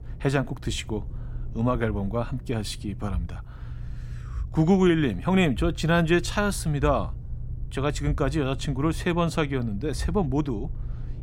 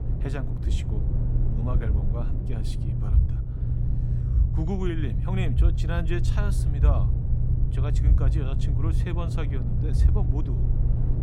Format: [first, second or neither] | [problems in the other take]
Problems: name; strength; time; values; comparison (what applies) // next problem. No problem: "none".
first | low rumble; loud; throughout; 2 dB below the speech; faint in the first